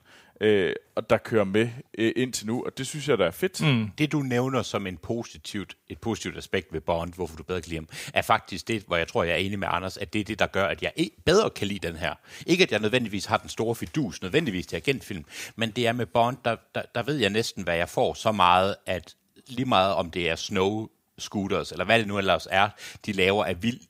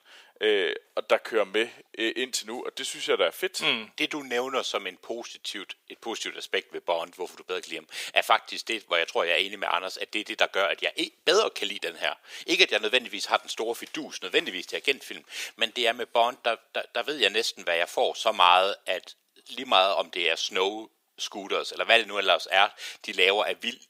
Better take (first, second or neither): first